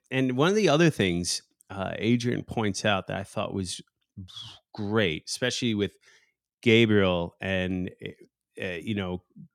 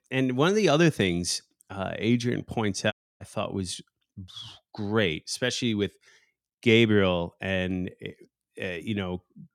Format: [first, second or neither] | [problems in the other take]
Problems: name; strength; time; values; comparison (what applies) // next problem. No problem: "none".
first | audio cutting out; at 3 s